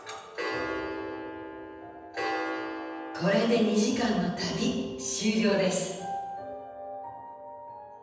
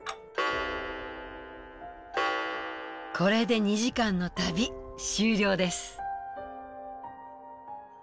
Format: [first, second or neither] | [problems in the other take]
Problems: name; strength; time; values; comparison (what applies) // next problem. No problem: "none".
second | room echo; dies away in 1.1 s